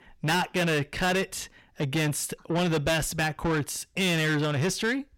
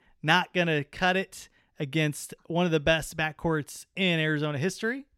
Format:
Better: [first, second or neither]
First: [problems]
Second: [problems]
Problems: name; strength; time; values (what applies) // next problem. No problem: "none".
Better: second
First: distortion; heavy; 6 dB below the speech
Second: none